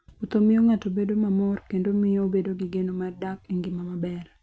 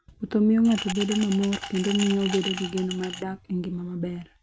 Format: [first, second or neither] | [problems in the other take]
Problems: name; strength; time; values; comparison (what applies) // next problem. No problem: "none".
first | background sound (Glass); 9 dB below the speech